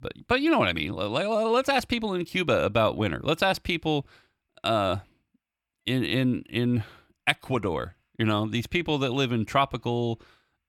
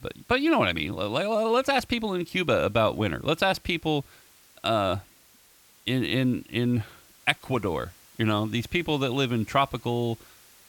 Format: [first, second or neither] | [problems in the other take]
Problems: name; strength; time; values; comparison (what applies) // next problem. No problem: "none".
first | hiss; faint; throughout; 25 dB below the speech